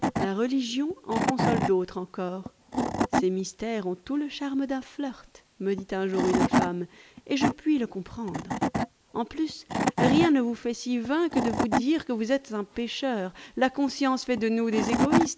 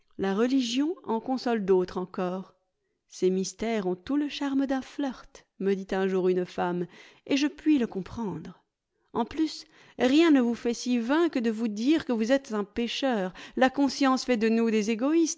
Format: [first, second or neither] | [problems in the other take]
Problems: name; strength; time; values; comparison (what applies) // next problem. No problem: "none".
second | background sound (Wood / Tools); 2 dB below the speech